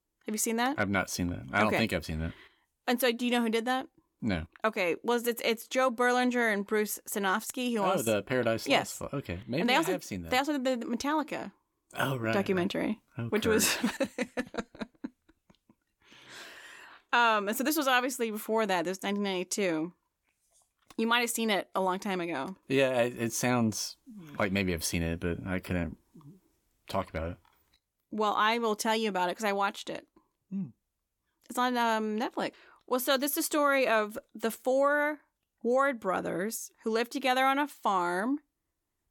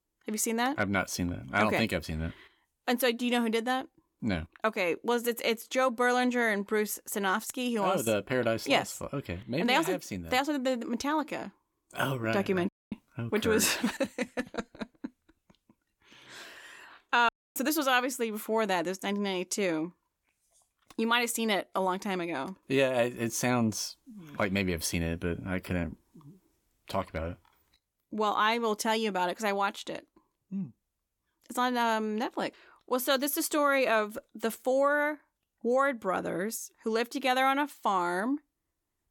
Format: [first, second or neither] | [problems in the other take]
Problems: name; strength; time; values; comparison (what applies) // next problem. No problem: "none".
first | audio cutting out; at 13 s and at 17 s